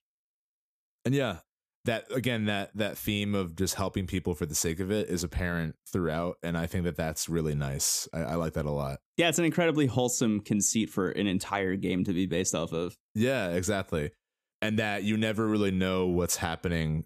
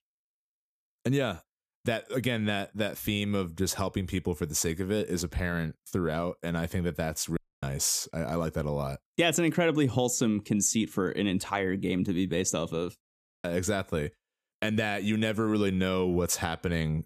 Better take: first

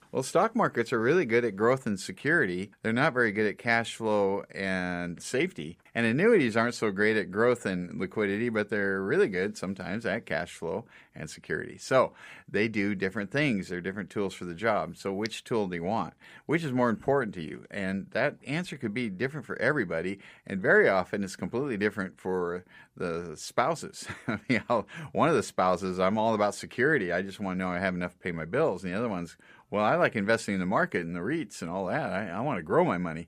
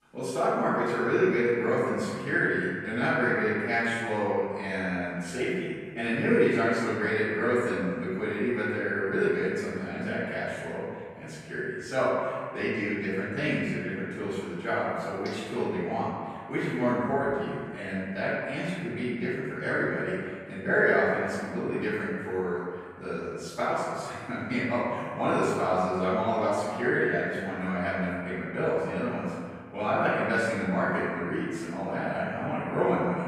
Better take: first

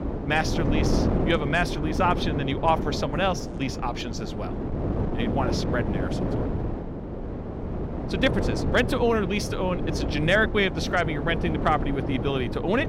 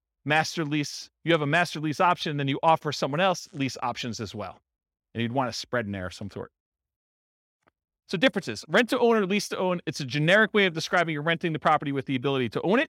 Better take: second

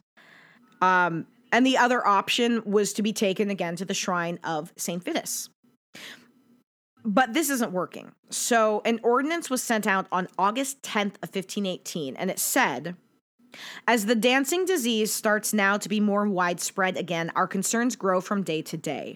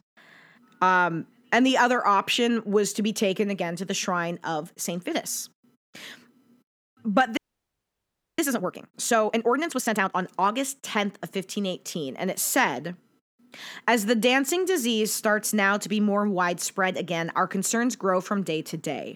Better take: first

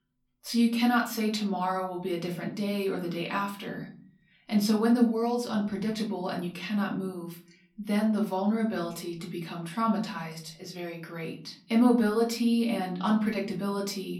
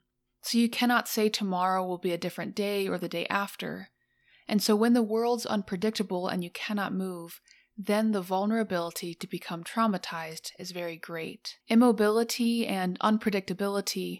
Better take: second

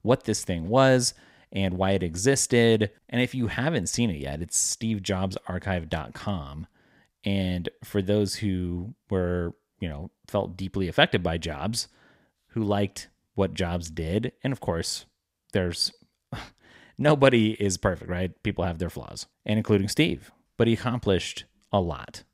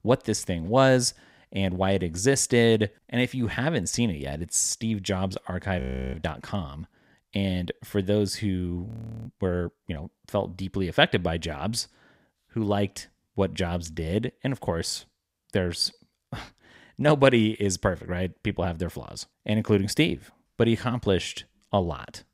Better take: first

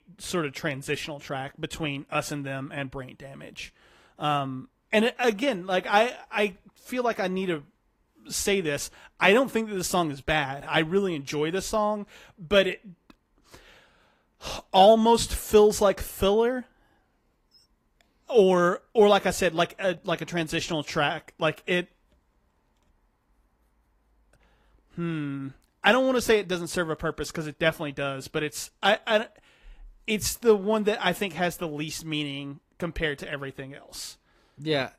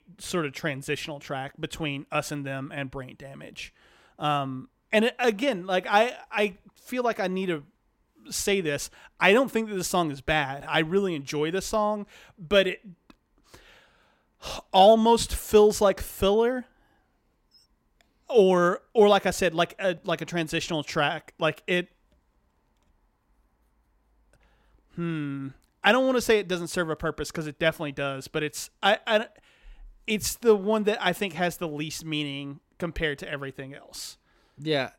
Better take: second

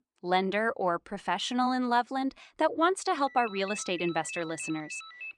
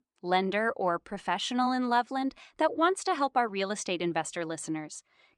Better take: second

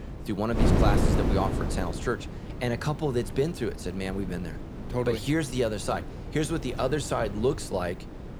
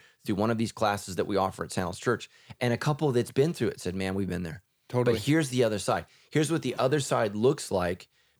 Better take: second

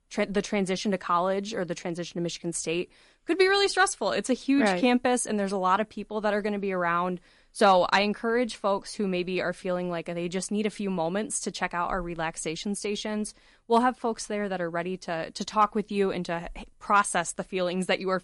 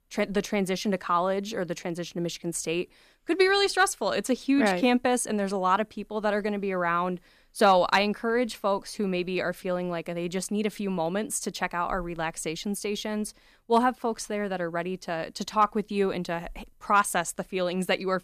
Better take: second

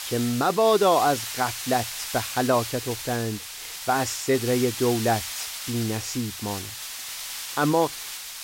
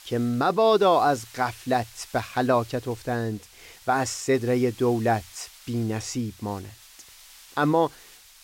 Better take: second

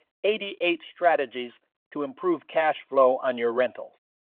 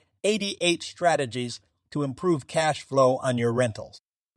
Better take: second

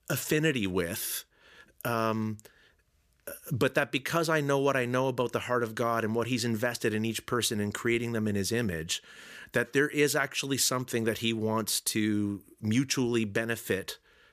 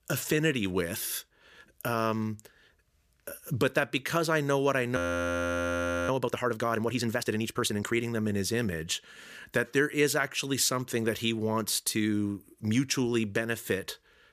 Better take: first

